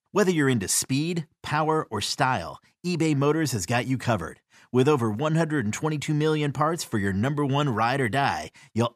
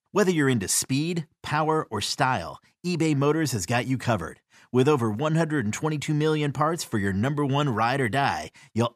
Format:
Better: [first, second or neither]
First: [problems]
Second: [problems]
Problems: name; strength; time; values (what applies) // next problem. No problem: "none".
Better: neither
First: none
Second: none